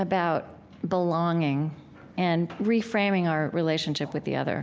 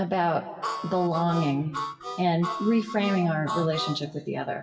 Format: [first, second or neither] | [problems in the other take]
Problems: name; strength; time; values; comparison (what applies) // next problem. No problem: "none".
first | noise reduction (classical method WPE with log-MMSE)